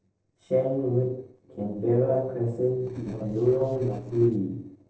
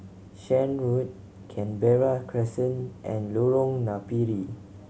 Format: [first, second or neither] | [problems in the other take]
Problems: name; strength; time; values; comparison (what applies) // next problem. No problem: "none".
second | noise reduction (neural separator model SepFormer DNS4)